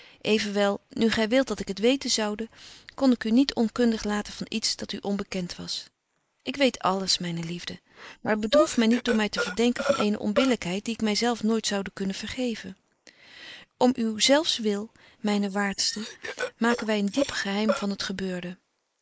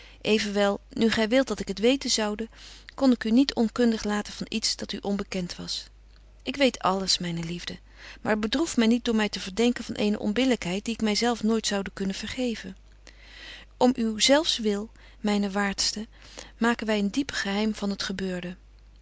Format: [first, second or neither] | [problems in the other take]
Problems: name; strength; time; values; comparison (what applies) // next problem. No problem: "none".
second | noise reduction (neural mask model Resemble Enhance denoiser)